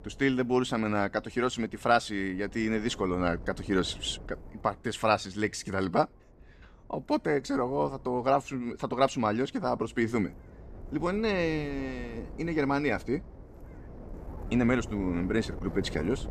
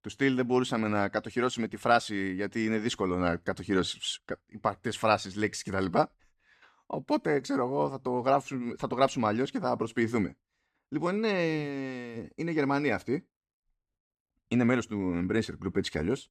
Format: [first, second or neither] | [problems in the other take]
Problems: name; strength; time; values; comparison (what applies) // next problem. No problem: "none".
second | wind noise on the microphone; occasional gusts; 20 dB below the speech